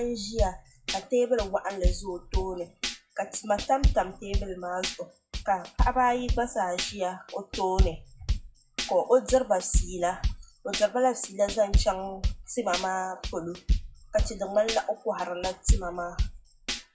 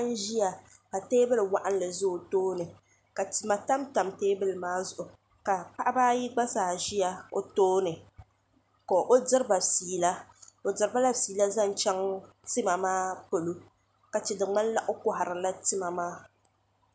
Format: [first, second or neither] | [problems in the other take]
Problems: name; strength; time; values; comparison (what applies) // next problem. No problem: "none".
second | noise reduction (classical method WPE with log-MMSE)